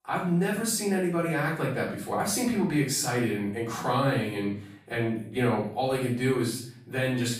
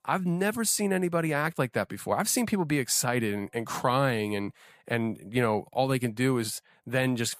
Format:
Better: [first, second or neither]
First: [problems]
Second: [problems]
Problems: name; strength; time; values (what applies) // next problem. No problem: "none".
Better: second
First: room echo; noticeable; dies away in 0.5 s // off-mic speech; far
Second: none